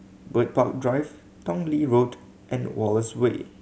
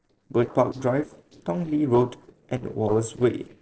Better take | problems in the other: first | noise reduction (neural separator model SepFormer DNS4)

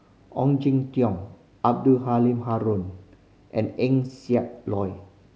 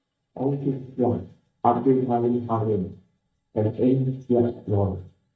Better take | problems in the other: first | noise reduction (neural mask model DeepFilterNet 3)

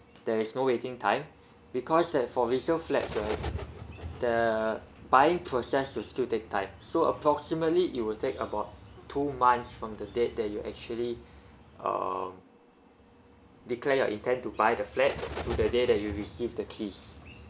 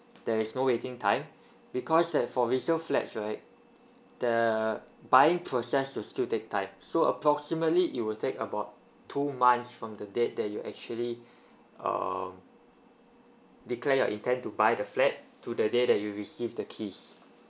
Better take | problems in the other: second | background sound (Bird); 15 dB below the speech

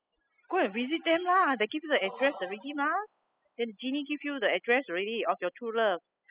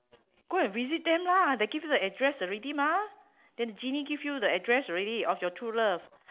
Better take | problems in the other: second | noise reduction (classical method spectral subtraction)

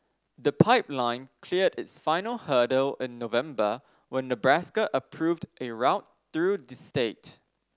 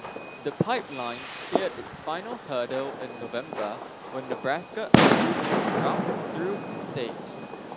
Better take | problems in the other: first | background sound (Fireworks); 5 dB above the speech

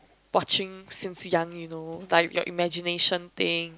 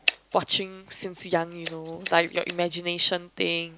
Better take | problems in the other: first | background sound (Scissors); 9 dB below the speech

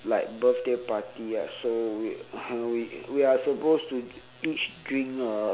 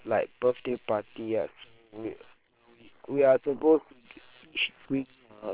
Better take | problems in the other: first | noise reduction (neural separator model SepFormer WHAM!)

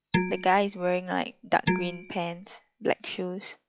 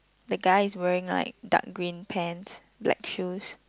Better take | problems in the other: second | noise reduction (classical method log-MMSE)

